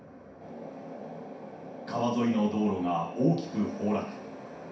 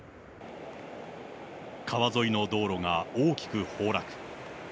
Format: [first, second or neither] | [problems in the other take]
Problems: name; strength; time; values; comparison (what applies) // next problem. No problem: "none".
second | room echo; dies away in 0.6 s